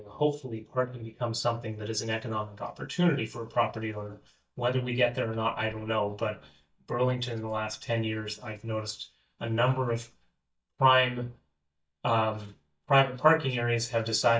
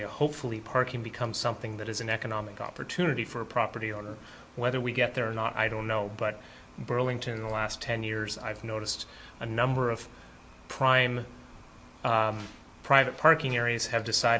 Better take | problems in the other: second | noise reduction (neural mask model DeepFilterNet 3)

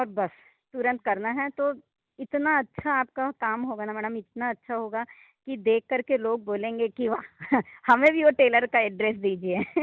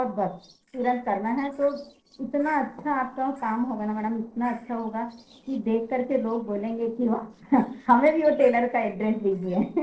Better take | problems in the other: first | noise reduction (neural separator model SepFormer DNS4)

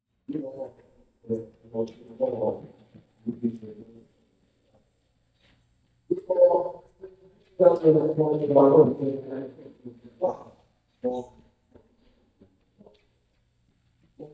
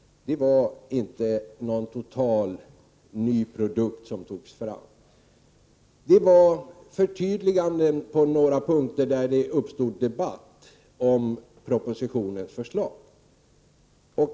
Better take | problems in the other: second | noise reduction (neural mask model DeepFilterNet 3)

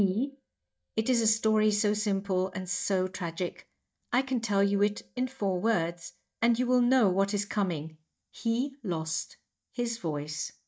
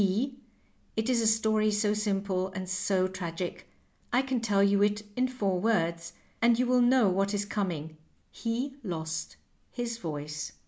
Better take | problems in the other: second | noise reduction (neural mask model DeepFilterNet 3)

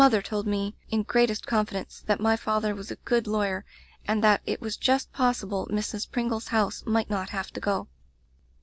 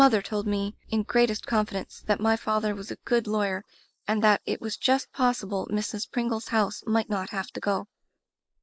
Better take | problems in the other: first | noise reduction (neural mask model Resemble Enhance denoiser)

